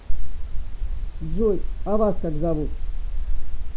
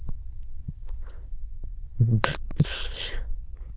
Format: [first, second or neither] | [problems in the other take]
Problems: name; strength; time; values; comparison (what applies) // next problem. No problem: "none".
first | noise reduction (neural diffusion model UNIVERSE++)